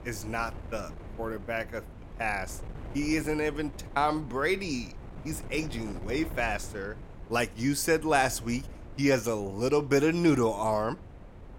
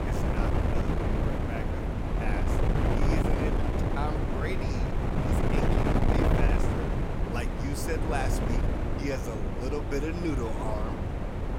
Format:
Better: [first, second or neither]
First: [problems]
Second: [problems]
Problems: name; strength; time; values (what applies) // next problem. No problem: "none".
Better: first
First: wind noise on the microphone; occasional gusts; 20 dB below the speech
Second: wind noise on the microphone; heavy; 3 dB above the speech